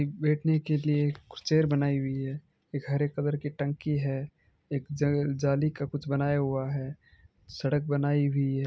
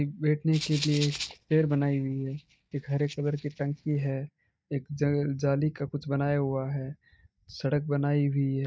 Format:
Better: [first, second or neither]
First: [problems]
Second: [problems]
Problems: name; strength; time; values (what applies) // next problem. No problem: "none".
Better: first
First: none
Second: noise reduction (neural mask model DeepFilterNet 3)